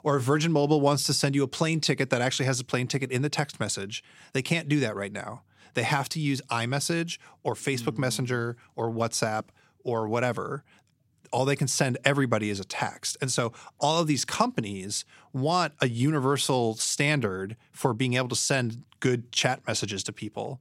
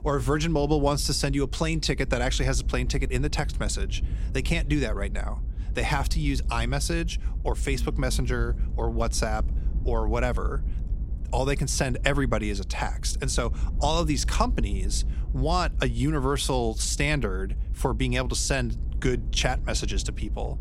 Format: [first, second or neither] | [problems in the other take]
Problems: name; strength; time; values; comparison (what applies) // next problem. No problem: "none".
first | low rumble; faint; throughout; 20 dB below the speech